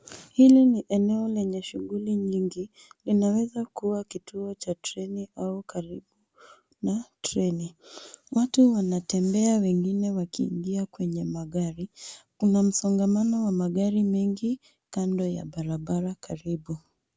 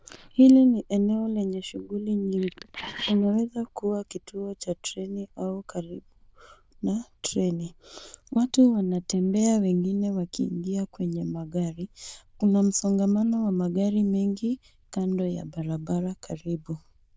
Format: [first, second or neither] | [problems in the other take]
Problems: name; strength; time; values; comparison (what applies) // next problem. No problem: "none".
first | noise reduction (neural diffusion model UNIVERSE++)